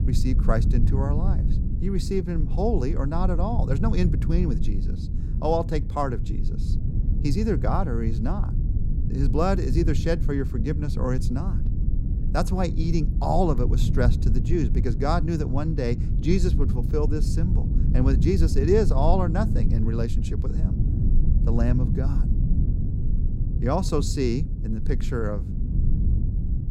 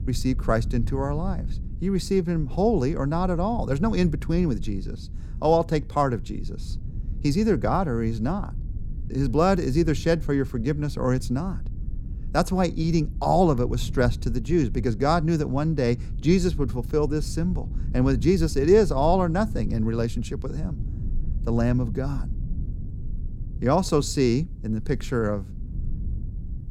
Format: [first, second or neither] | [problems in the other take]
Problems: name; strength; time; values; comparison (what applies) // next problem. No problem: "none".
second | low rumble; loud; throughout; 10 dB below the speech; faint in the second